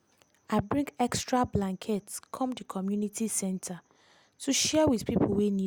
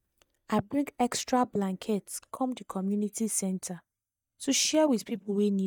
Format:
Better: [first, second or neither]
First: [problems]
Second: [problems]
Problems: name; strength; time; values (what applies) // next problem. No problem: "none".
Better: first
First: none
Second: noise reduction (neural mask model DeepFilterNet 3)